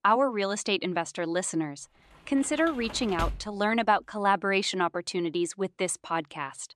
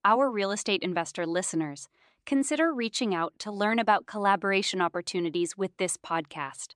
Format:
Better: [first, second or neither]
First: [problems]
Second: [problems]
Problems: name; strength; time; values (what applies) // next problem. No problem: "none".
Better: second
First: door banging; noticeable; from 2.5 to 3.5 s; peak 7 dB below the speech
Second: none